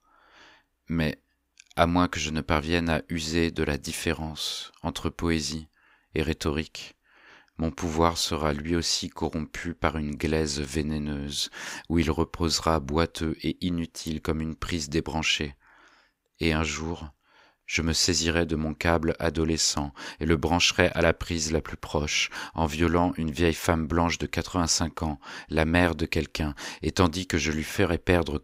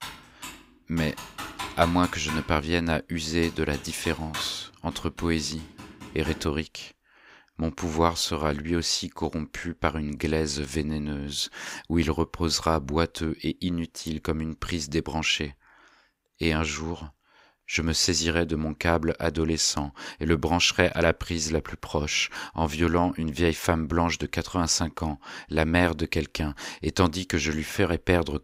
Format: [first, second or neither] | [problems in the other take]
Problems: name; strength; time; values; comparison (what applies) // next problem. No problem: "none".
first | keyboard typing; noticeable; until 6.5 s; peak 7 dB below the speech